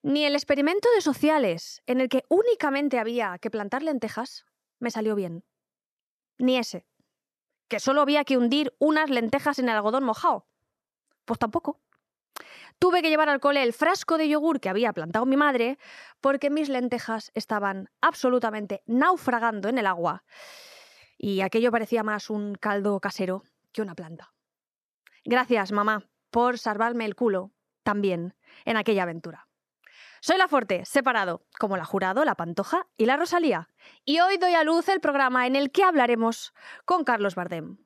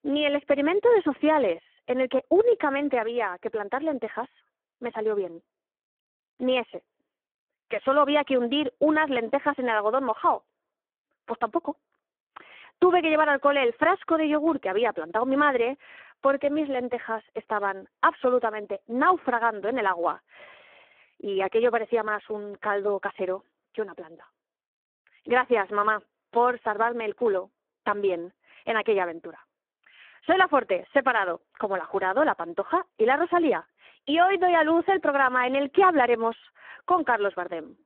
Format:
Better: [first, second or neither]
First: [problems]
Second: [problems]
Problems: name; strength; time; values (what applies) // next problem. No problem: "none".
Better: first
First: none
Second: phone-call audio; poor line